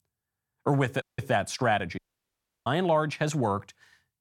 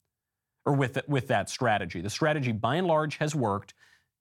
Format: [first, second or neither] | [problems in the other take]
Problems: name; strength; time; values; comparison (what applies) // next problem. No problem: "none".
second | audio cutting out; at 1 s and at 2 s for 0.5 s